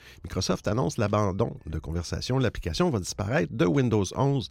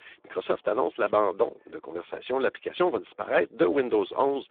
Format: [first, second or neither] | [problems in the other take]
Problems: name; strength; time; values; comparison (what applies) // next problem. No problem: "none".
first | phone-call audio; poor line